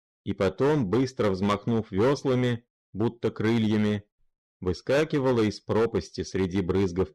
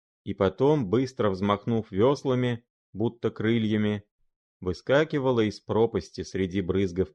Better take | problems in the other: second | distortion; slight; 10% of the sound clipped

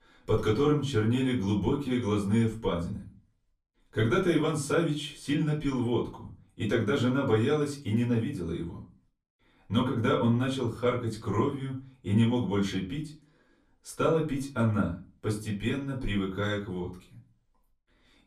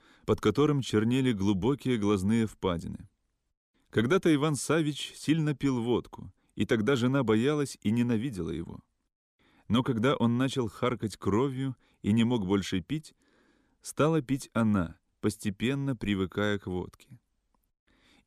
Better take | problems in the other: second | off-mic speech; far // room echo; very slight; dies away in 0.3 s

